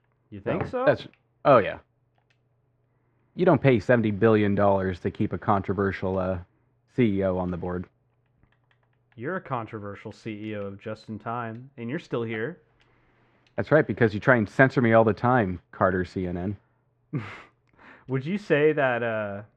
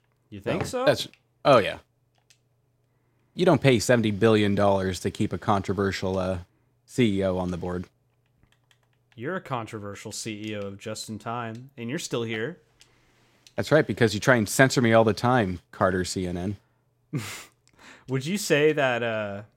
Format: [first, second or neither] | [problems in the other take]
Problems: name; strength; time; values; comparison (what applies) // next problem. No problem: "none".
second | muffled; very; fading above 1.5 kHz